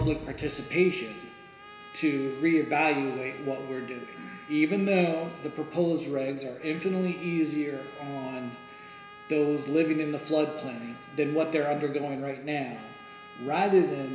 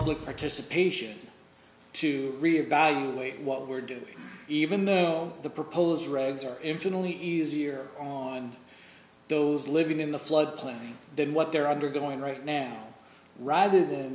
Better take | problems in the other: second | background sound (Trumpet); 20 dB below the speech // room echo; dies away in 1.4 s

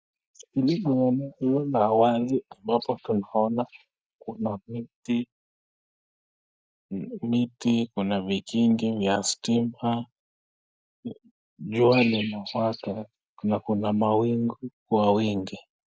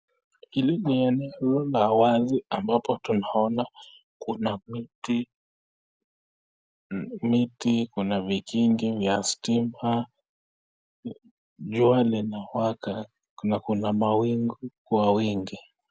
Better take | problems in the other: second | noise reduction (neural mask model DeepFilterNet 3)

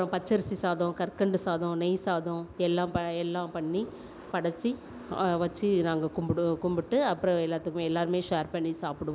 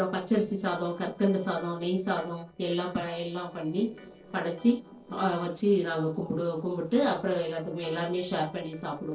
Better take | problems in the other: first | noise reduction (neural separator model SepFormer DNS4)

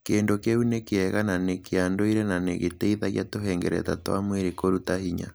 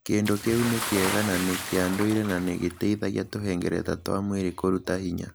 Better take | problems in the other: first | background sound (Bathtub (filling or washing) / Splash, splatter); 10 dB below the speech

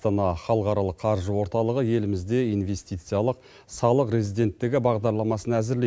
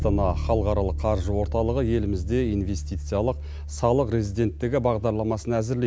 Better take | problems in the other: first | background sound (Bass guitar); 6 dB below the speech

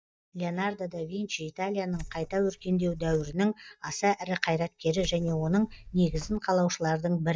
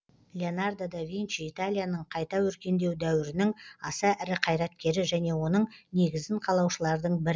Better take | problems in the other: second | noise reduction (neural mask model DeepFilterNet 3)

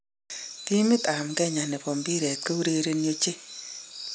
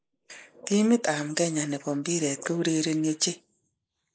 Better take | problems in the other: first | noise reduction (neural mask model Resemble Enhance denoiser)

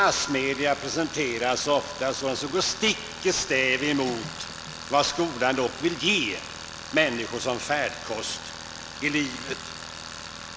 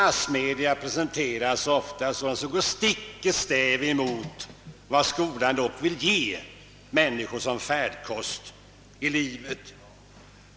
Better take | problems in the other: second | background sound (Tools); 12 dB below the speech

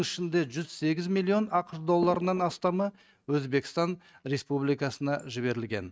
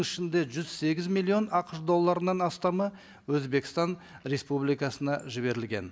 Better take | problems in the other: second | noise reduction (neural mask model RNNoise)

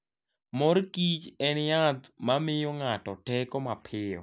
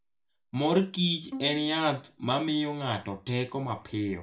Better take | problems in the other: first | background sound (Bowed string instrument); 16 dB below the speech // room echo; dies away in 0.3 s

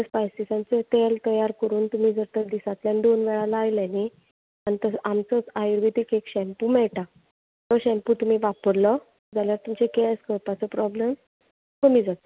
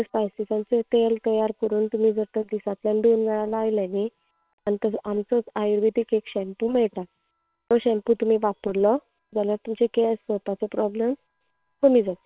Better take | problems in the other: first | noise reduction (neural separator model SepFormer WHAM!)

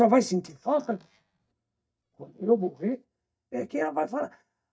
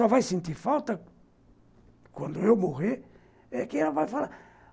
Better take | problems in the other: second | noise reduction (neural mask model DeepFilterNet 3)

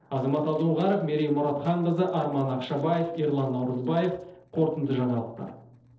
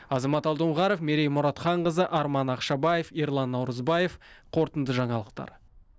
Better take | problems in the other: second | noise reduction (neural separator model SepFormer DNS4)

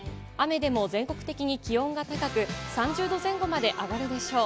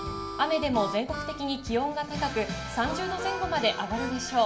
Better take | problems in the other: first | background sound (Harmonica); 10 dB below the speech // room echo; dies away in 0.6 s

